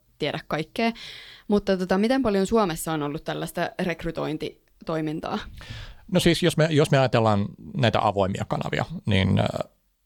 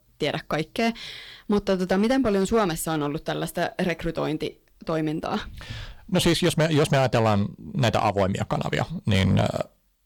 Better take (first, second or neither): first